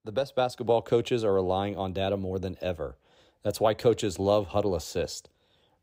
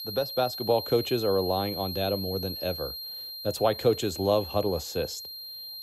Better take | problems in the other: first | high-pitched whine; loud; throughout; 4 kHz, 7 dB below the speech

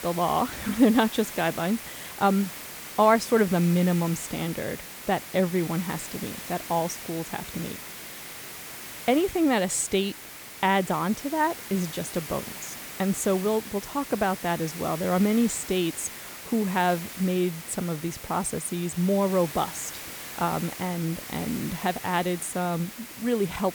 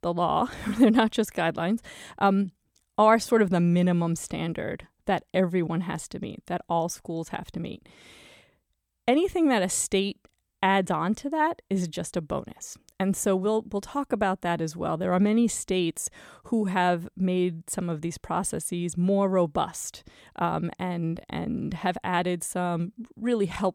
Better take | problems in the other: second | hiss; noticeable; throughout; 10 dB below the speech

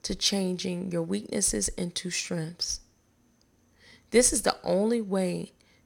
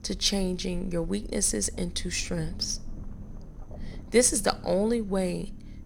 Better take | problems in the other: first | low rumble; faint; throughout; 25 dB below the speech

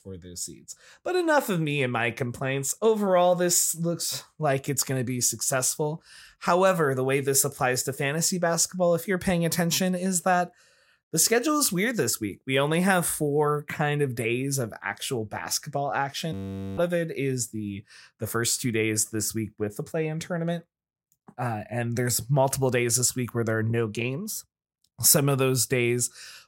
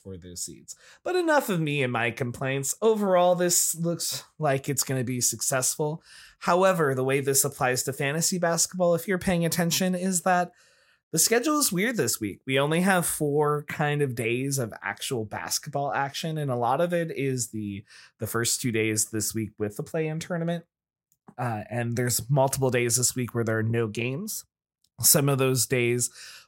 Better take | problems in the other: second | audio freezing; at 16 s

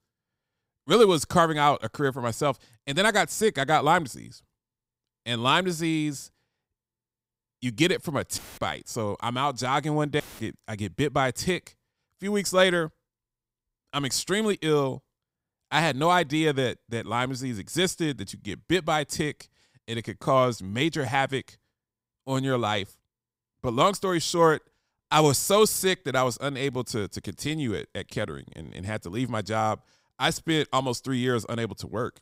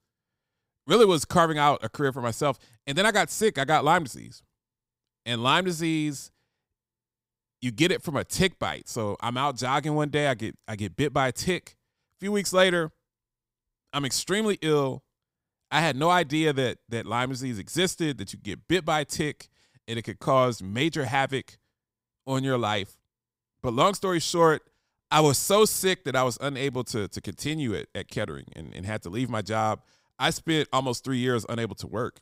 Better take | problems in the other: second | audio cutting out; filled with static; at 8.5 s and at 10 s

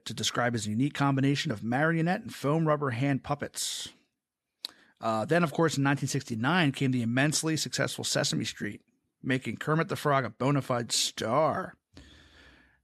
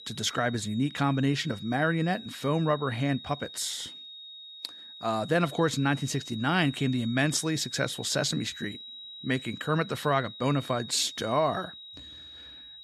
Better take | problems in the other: first | high-pitched whine; noticeable; throughout; 4 kHz, 15 dB below the speech

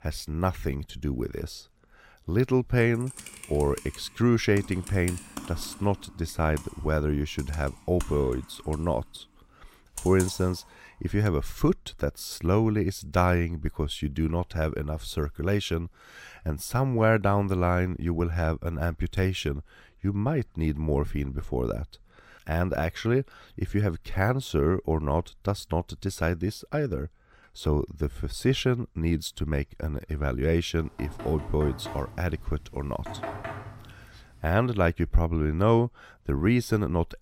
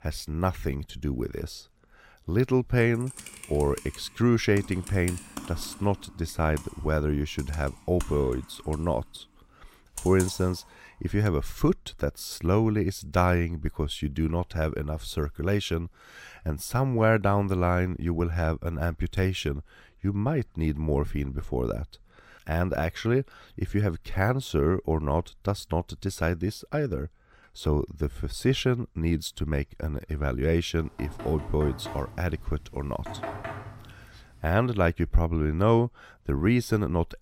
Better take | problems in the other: neither | keyboard typing; noticeable; from 3 to 10 s; peak 8 dB below the speech; the same in both // door banging; noticeable; from 31 to 34 s; peak 8 dB below the speech; the same in both

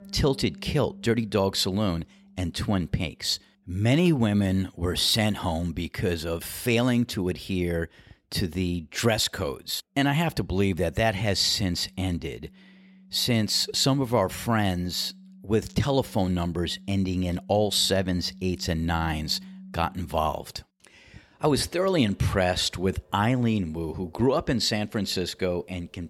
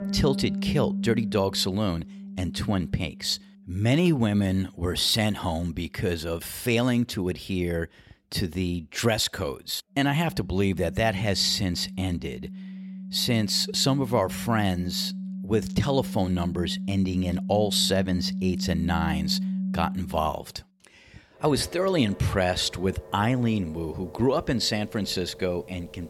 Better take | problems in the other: first | background music; loud; throughout; 9 dB below the speech; faint in the first

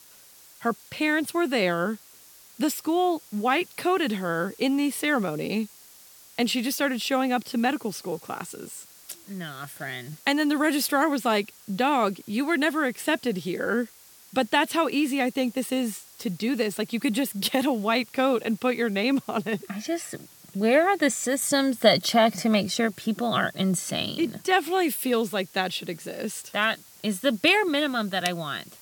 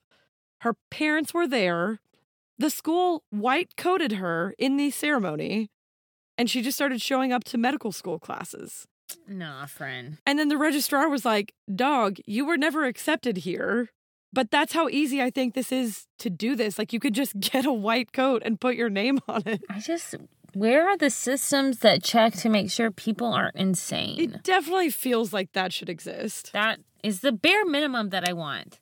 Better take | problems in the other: second | hiss; faint; throughout; 25 dB below the speech

